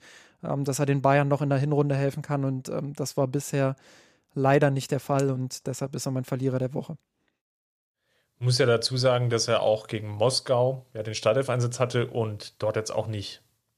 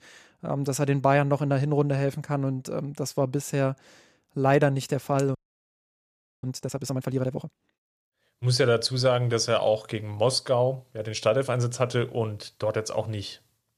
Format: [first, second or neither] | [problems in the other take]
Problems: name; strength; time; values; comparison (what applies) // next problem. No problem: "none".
first | audio freezing; at 5.5 s for 1 s